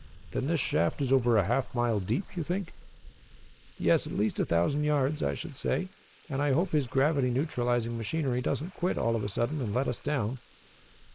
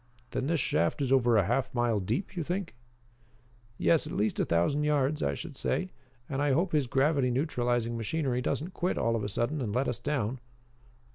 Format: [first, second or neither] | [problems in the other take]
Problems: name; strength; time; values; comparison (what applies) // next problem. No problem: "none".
second | noise reduction (neural mask model Resemble Enhance denoiser)